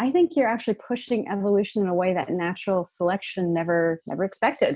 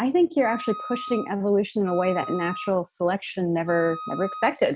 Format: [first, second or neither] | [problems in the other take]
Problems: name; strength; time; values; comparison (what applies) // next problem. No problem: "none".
first | background sound (Wind instrument, woodwind instrument); 12 dB below the speech